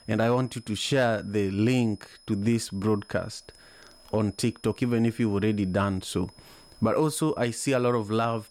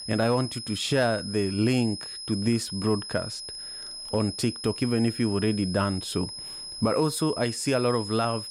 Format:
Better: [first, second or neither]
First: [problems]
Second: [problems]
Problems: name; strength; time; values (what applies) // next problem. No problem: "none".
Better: first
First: high-pitched whine; faint; throughout; 5 kHz, 25 dB below the speech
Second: high-pitched whine; loud; throughout; 5 kHz, 8 dB below the speech